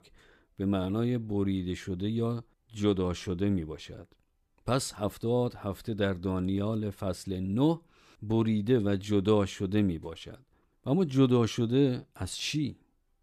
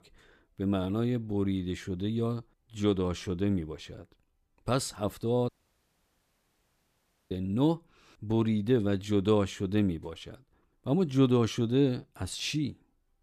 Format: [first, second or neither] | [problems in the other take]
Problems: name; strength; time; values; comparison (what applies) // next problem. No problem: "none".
first | audio cutting out; at 5.5 s for 2 s